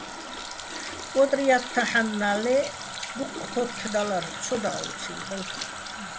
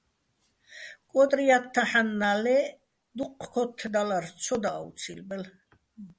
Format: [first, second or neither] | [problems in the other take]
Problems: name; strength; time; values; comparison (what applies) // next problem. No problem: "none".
second | background sound (Water tap, faucet); 8 dB below the speech